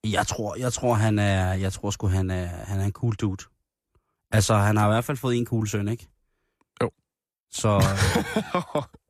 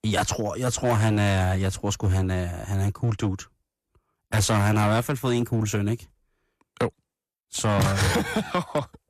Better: first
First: none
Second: distortion; slight; 8% of the sound clipped

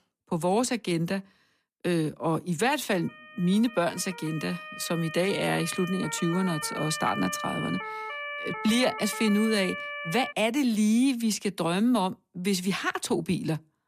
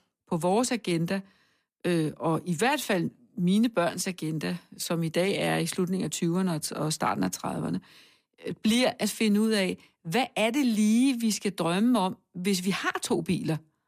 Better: second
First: siren; noticeable; from 3 to 10 s; peak 6 dB below the speech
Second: none

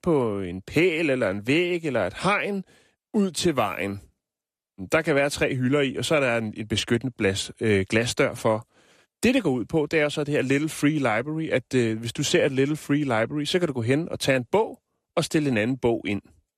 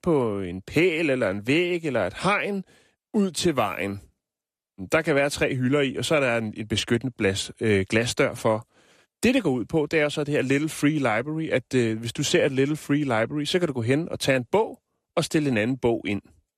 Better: neither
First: none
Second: none

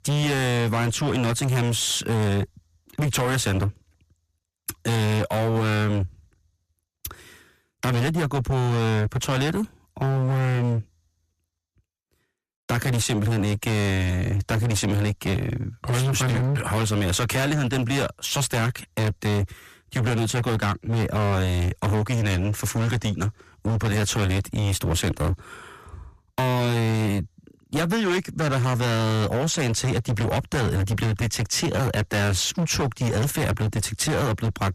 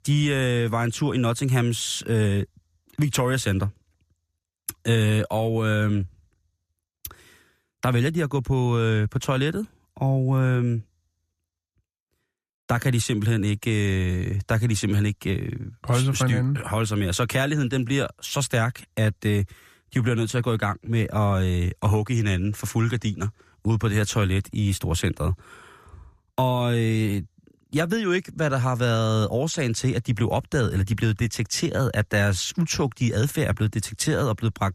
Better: second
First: distortion; heavy; 30% of the sound clipped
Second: none

